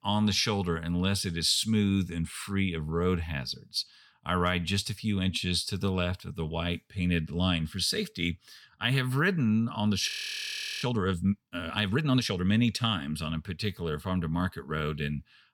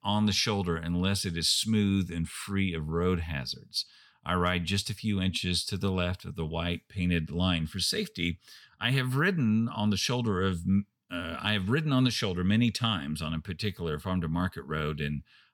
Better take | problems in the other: second | audio freezing; at 10 s for 1 s

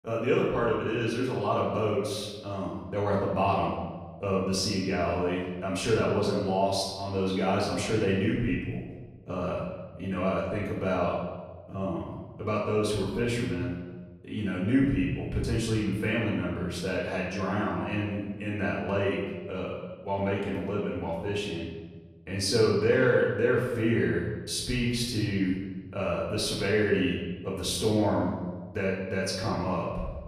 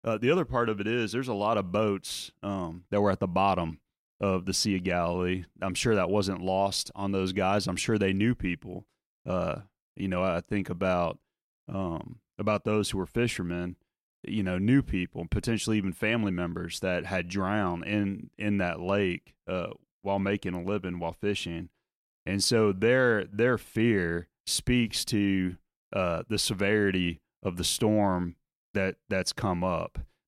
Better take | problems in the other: second | room echo; noticeable; dies away in 1.2 s // off-mic speech; far

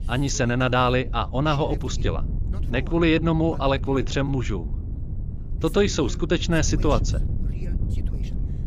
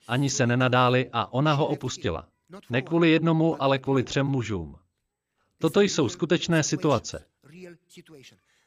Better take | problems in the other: second | wind noise on the microphone; occasional gusts; 20 dB below the speech

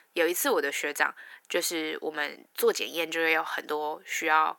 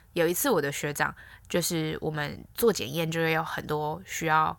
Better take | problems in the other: second | thin; somewhat; fading below 300 Hz

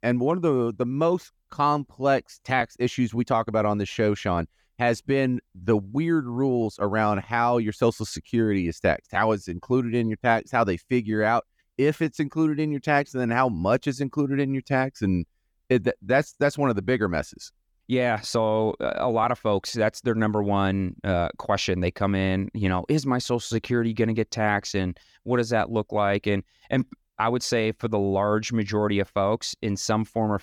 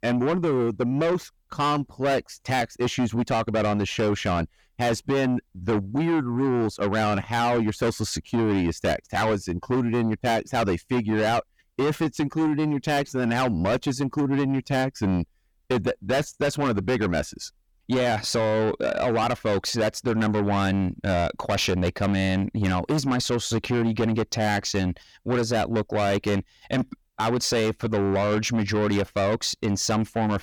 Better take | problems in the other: first | distortion; heavy; 7 dB below the speech

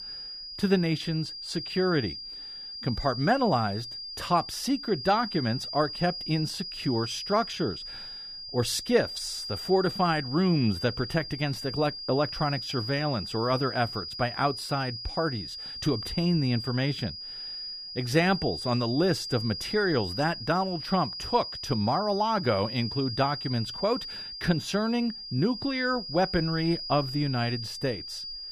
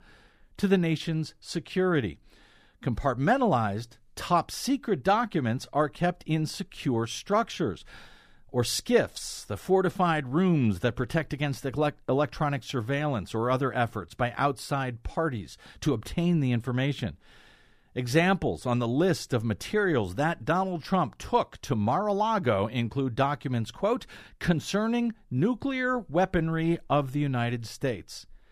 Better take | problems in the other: second | high-pitched whine; loud; throughout; 5 kHz, 7 dB below the speech

